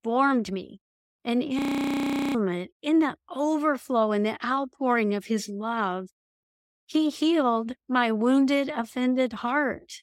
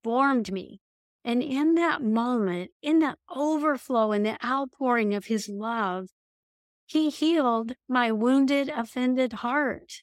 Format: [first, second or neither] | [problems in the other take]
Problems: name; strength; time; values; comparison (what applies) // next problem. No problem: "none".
second | audio freezing; at 1.5 s for 1 s